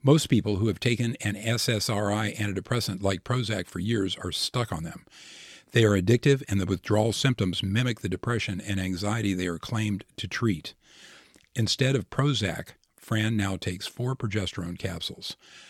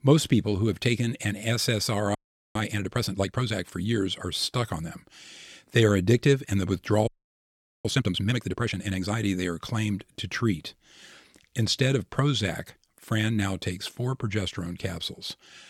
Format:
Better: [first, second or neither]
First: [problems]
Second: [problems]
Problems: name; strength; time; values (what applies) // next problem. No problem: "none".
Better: first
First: none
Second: audio freezing; at 2 s and at 7 s for 1 s